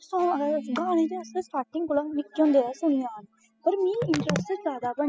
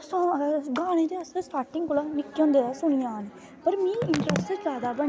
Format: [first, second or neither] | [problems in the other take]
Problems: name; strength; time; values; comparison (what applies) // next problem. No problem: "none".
second | noise reduction (classical method spectral subtraction)